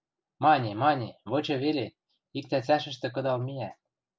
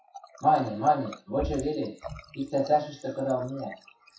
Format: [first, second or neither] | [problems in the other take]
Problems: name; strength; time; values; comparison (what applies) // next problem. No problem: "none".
first | noise reduction (classical method WPE with log-MMSE)